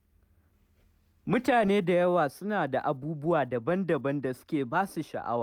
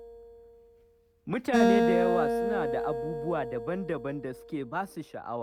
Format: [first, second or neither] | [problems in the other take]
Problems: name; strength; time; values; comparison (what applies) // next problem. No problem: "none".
first | background sound (Acoustic guitar); 3 dB above the speech